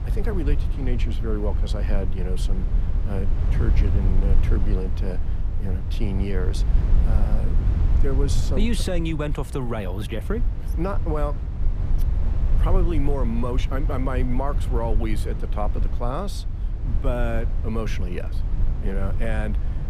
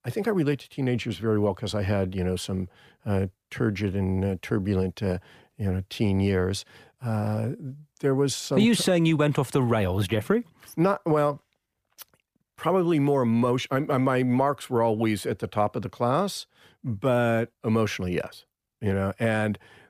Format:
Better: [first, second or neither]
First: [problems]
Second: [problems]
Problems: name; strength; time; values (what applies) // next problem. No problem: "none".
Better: second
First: low rumble; loud; throughout; 9 dB below the speech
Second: none